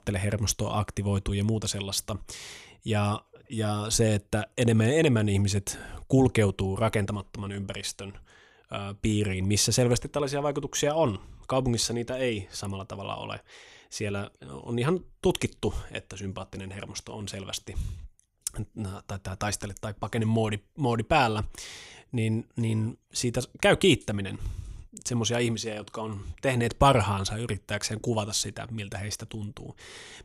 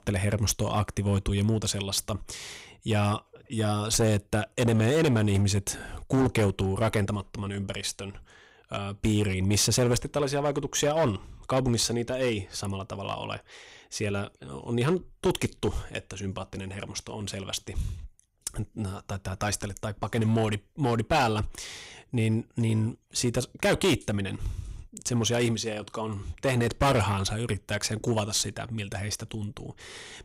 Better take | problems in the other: first | distortion; slight; 5% of the sound clipped

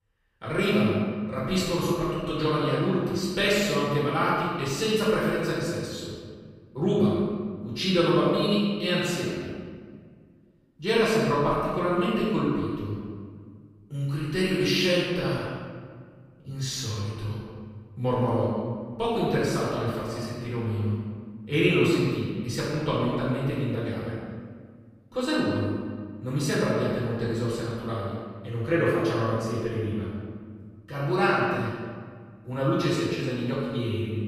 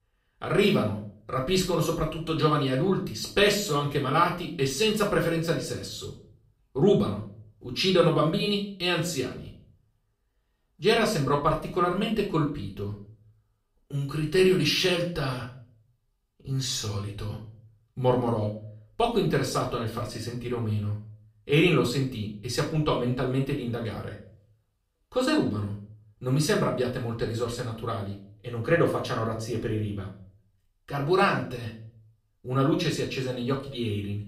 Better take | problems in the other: second | room echo; strong; dies away in 1.5 s; slight in the second // off-mic speech; far; far in the second

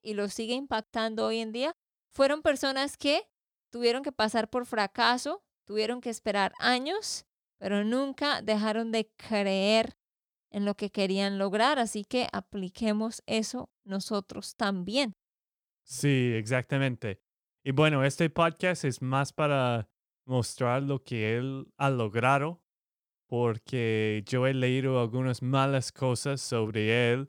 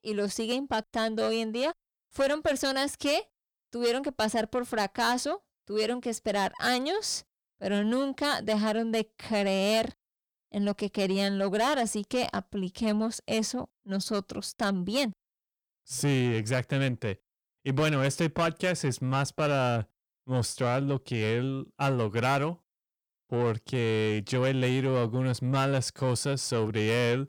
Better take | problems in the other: first | distortion; slight; 10 dB below the speech

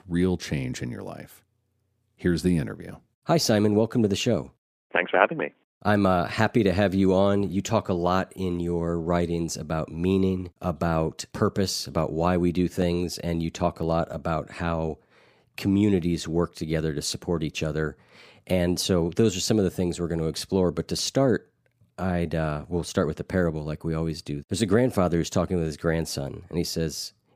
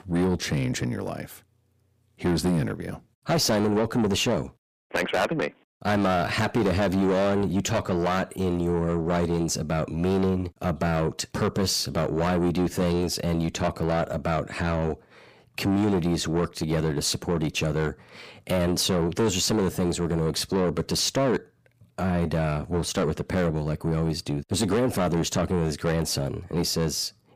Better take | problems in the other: first | distortion; heavy; 6 dB below the speech

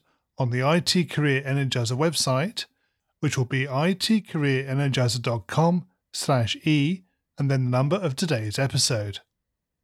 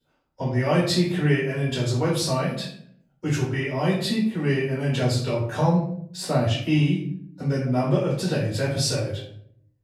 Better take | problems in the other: first | off-mic speech; far // room echo; noticeable; dies away in 0.6 s

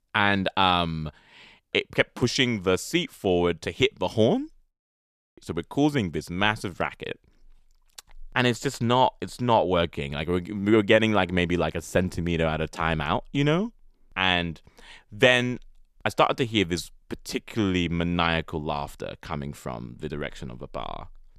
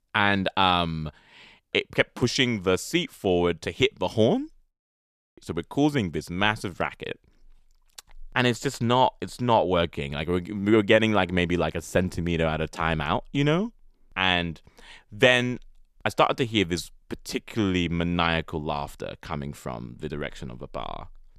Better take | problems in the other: neither | none

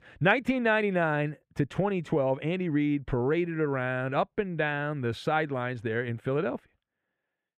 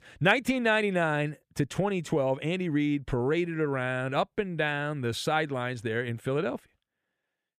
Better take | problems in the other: second | muffled; slightly; fading above 4 kHz

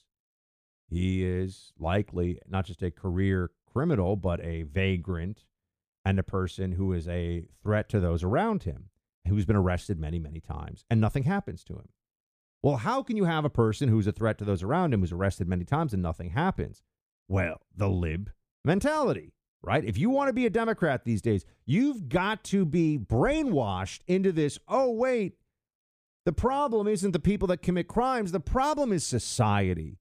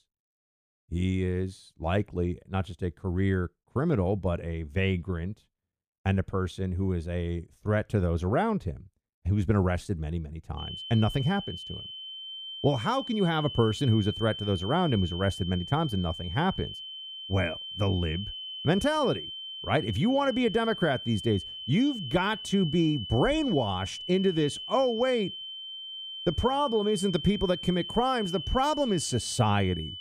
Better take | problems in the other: first | high-pitched whine; loud; from 11 s on; 3 kHz, 8 dB below the speech

